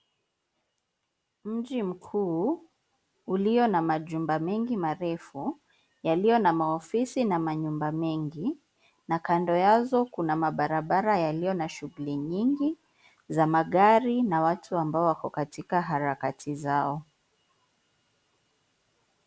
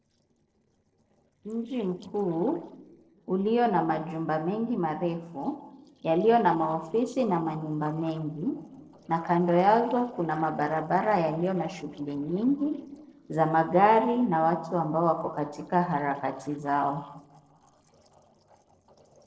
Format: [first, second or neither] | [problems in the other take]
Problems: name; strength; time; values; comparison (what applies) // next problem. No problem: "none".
first | noise reduction (neural separator model SepFormer DNS4)